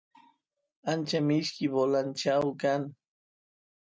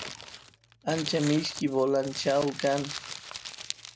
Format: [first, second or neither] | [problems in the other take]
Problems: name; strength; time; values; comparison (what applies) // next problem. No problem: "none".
first | background sound (Crumpling, crinkling); 11 dB below the speech